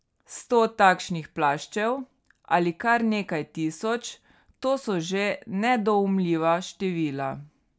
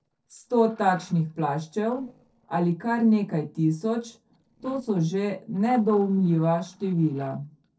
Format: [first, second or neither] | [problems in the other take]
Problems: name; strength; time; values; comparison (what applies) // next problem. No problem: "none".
first | noise reduction (neural separator model SepFormer DNS4)